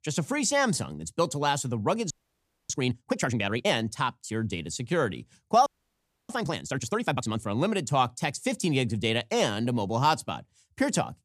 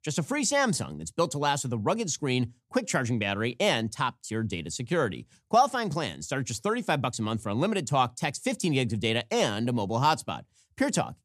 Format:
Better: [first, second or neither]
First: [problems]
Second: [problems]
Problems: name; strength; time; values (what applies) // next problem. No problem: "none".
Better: second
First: audio freezing; at 2 s for 0.5 s and at 5.5 s for 0.5 s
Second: none